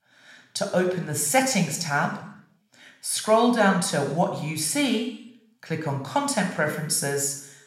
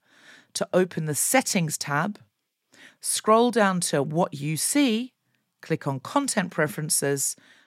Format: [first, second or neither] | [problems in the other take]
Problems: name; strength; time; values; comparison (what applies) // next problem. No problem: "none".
second | room echo; slight; dies away in 0.7 s